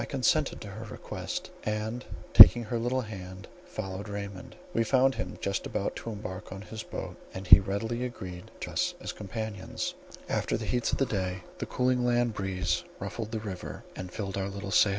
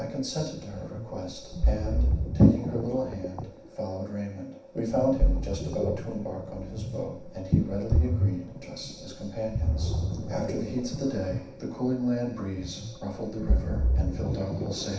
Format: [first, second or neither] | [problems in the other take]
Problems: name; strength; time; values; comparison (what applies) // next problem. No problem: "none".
first | background sound (Ocean); as loud as the speech // room echo; dies away in 0.7 s